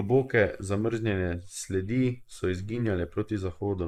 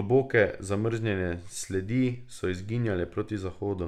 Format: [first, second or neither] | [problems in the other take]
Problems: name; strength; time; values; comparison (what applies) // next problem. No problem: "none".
second | noise reduction (neural mask model Resemble Enhance denoiser)